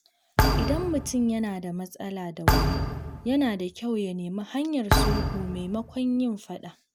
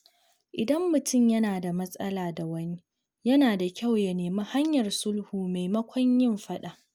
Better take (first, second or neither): second